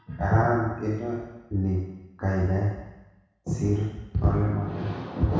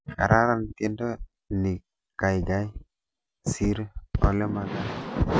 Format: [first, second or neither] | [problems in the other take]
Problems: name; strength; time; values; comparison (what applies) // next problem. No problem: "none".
second | room echo; dies away in 1.1 s